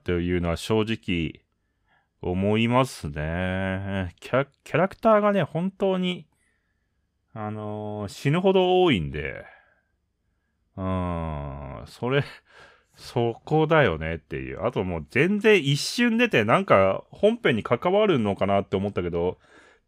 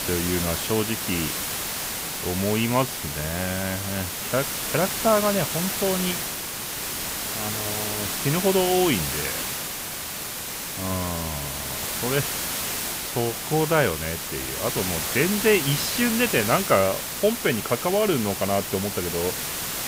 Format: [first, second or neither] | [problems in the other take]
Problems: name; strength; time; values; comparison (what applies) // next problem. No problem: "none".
first | hiss; loud; throughout; 2 dB below the speech